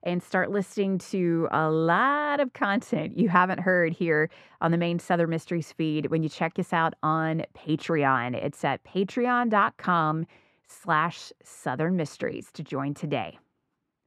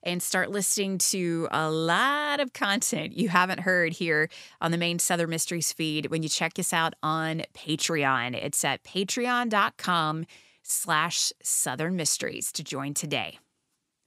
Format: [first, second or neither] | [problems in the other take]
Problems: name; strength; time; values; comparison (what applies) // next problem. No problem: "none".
second | muffled; very; fading above 3.5 kHz